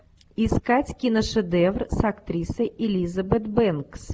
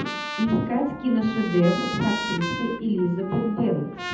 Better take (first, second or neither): first